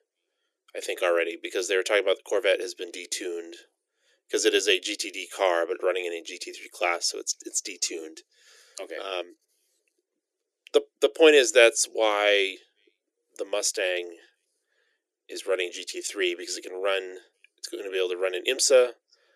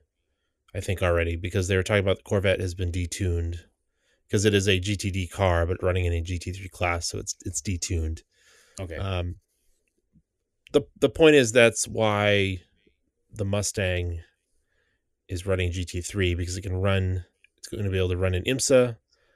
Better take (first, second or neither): second